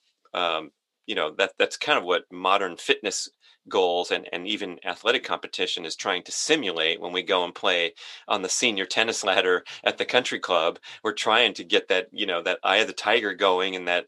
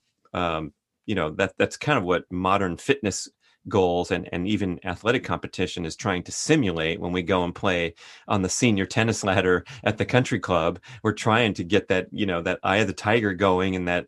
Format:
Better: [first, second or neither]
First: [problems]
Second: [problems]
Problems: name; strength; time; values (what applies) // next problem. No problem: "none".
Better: second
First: thin; somewhat; fading below 500 Hz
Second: none